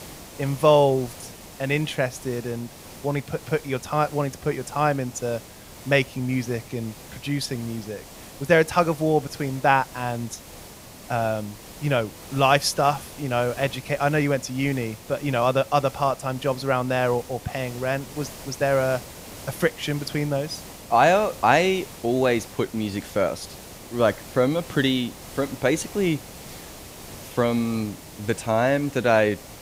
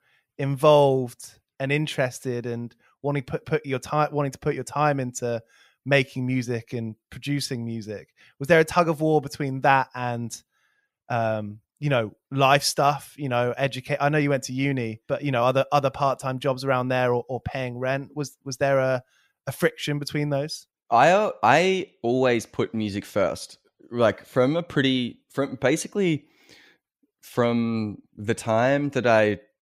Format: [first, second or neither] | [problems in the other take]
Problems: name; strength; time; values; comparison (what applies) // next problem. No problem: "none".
second | hiss; noticeable; throughout; 15 dB below the speech